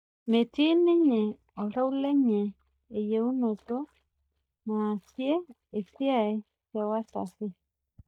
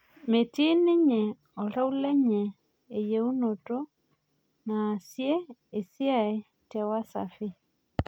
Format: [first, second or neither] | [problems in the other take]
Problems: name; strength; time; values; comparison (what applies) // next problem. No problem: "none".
second | noise reduction (neural mask model DeepFilterNet 3)